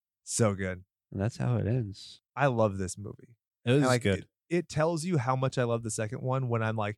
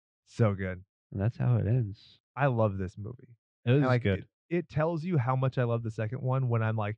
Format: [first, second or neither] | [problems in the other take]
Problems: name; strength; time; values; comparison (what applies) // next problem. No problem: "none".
first | muffled; very; fading above 3.5 kHz